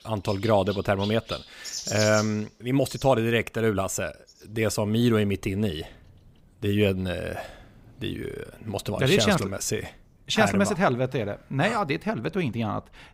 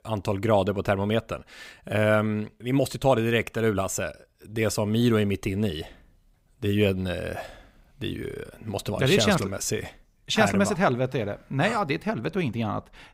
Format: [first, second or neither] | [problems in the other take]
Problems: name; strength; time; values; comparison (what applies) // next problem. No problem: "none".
second | animal sounds; noticeable; throughout; 10 dB below the speech